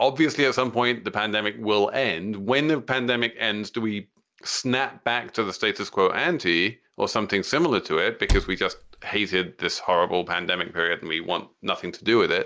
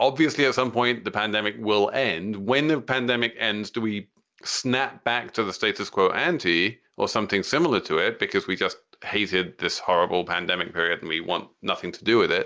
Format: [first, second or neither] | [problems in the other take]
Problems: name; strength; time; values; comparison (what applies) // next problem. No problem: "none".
second | background sound (Cupboard open or close); 3 dB below the speech